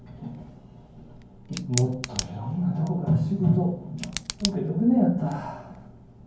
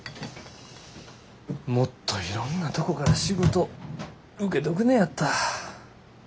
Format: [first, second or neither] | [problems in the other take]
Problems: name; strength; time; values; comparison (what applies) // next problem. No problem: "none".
second | background sound (Tick); 13 dB below the speech // room echo; dies away in 0.9 s